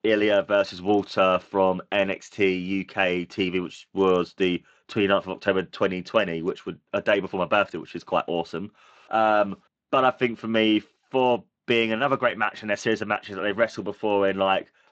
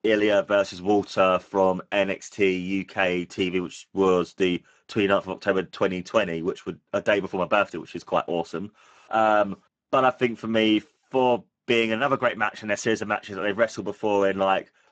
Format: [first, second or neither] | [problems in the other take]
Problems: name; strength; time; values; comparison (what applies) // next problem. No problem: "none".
first | garbled, watery; badly; nothing above 7.5 kHz; slightly in the first